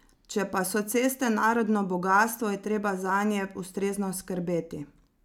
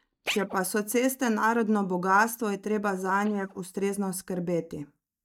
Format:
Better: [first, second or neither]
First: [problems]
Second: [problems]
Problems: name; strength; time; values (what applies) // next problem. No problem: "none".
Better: first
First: none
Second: noise reduction (neural mask model DeepFilterNet 3)